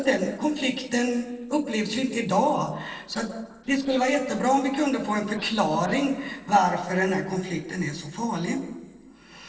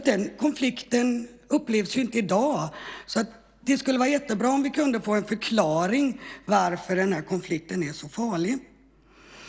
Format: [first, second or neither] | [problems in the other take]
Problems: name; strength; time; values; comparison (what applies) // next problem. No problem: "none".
second | noise reduction (neural separator model SepFormer DNS4)